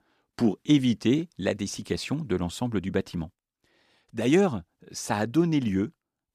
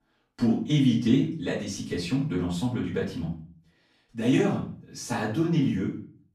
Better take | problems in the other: first | off-mic speech; far // room echo; noticeable; dies away in 0.4 s

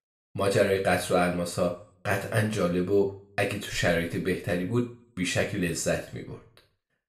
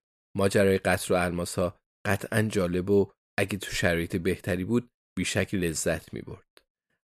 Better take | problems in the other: second | room echo; slight; dies away in 0.4 s // off-mic speech; somewhat distant

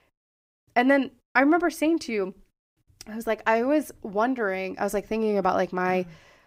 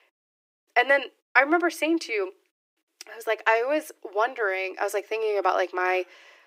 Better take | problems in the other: first | thin; very; fading below 350 Hz

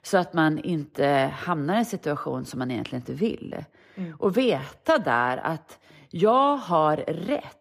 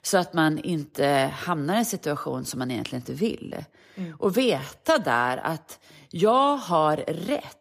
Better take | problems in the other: second | muffled; slightly; fading above 4 kHz

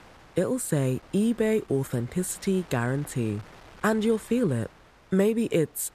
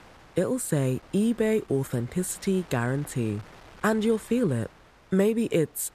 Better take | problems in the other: neither | wind noise on the microphone; occasional gusts; 20 dB below the speech; the same in both

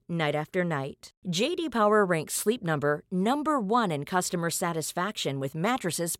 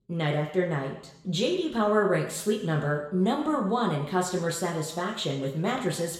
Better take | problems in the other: first | room echo; slight; dies away in 0.8 s // off-mic speech; somewhat distant

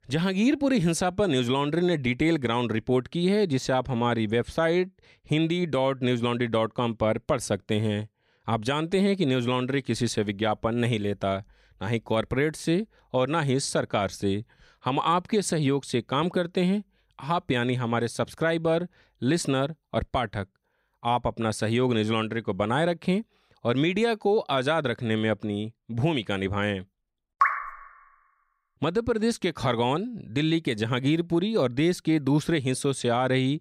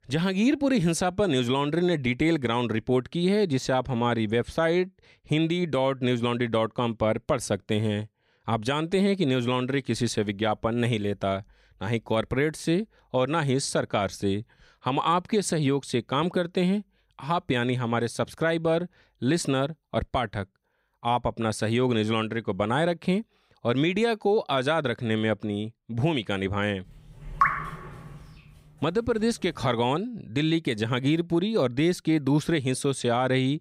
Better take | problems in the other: first | door banging; faint; from 27 to 30 s; peak 15 dB below the speech

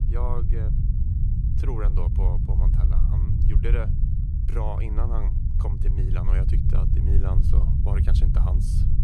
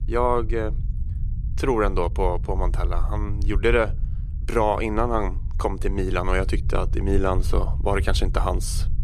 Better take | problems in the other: second | low rumble; loud; throughout; 1 dB below the speech; faint in the second

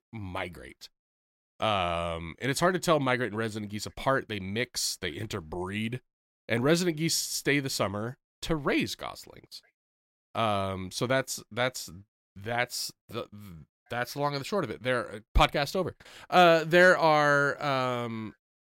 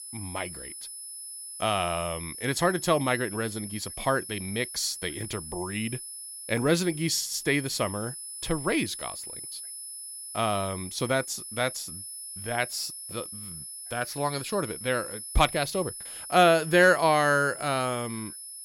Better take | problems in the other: first | high-pitched whine; loud; throughout; 10 kHz, 10 dB below the speech

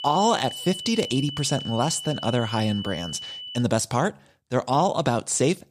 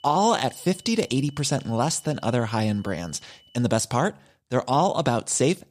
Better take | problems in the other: second | high-pitched whine; loud; until 3.5 s; 3 kHz, 9 dB below the speech; faint in the second

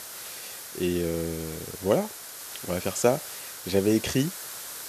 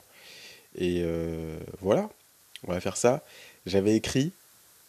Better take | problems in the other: second | hiss; loud; throughout; 9 dB below the speech; faint in the second

